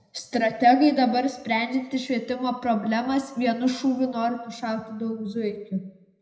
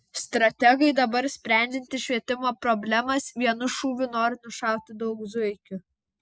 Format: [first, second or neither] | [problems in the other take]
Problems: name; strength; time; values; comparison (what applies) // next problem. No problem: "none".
second | room echo; dies away in 0.7 s